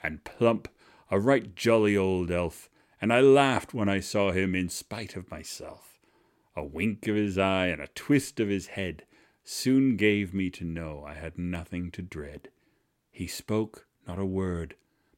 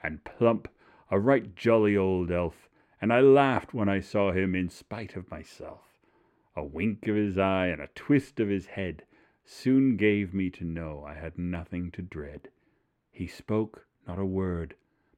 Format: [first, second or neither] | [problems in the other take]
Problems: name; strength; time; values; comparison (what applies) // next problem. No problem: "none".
first | muffled; slightly; fading above 3.5 kHz